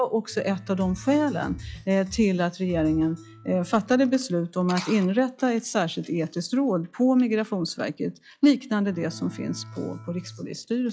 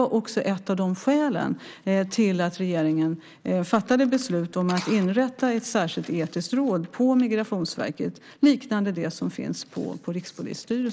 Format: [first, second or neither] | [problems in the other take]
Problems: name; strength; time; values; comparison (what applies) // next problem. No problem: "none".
second | noise reduction (classical method log-MMSE)